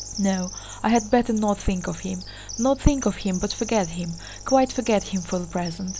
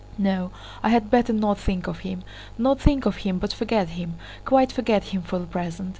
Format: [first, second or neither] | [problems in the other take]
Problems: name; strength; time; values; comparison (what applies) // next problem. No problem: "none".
second | background sound (Bird vocalization, bird call, bird song); 15 dB below the speech